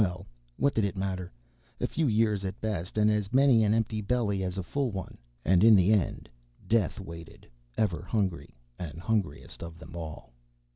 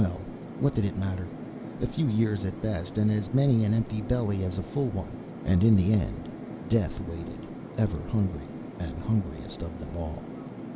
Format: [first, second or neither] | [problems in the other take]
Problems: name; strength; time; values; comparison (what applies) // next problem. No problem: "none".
first | background sound (Fixed-wing aircraft, airplane); 11 dB below the speech